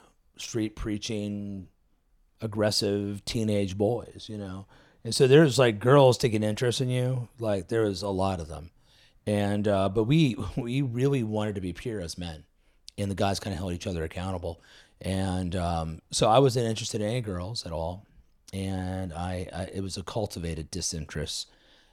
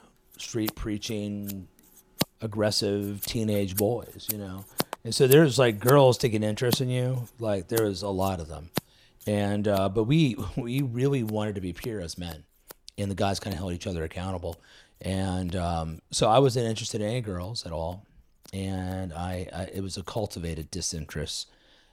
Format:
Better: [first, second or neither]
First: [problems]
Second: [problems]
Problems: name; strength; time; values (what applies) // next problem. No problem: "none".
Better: first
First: none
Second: household noises; loud; throughout; 9 dB below the speech